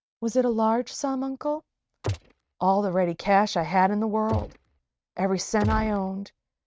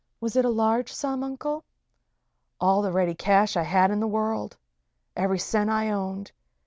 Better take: second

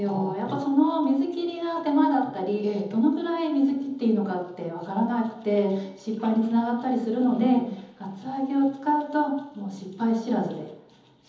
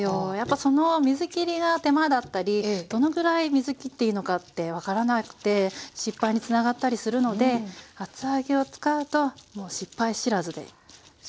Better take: second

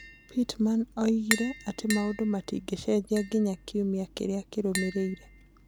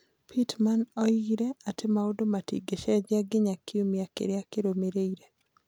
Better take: second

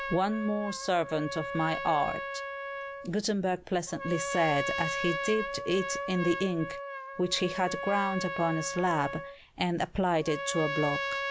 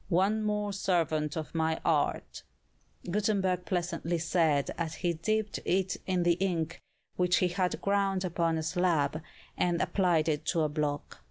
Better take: second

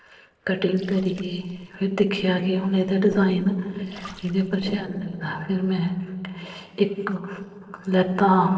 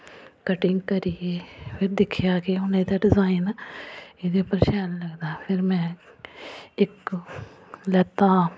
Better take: second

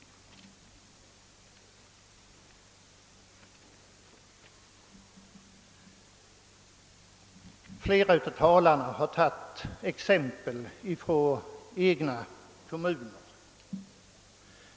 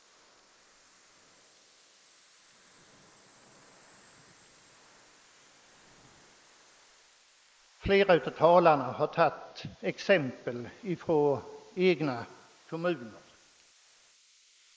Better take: first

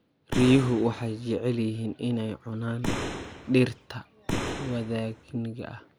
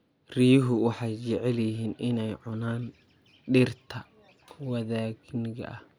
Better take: second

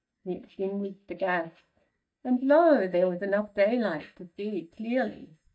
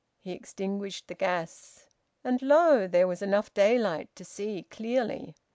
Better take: second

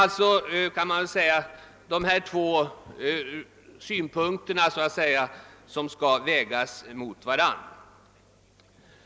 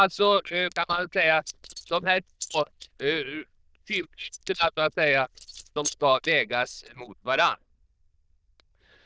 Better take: first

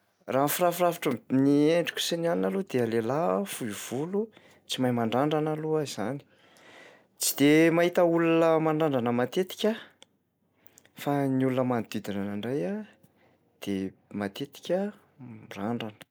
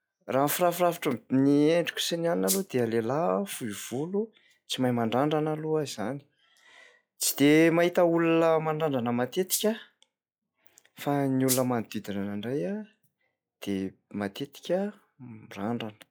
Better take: first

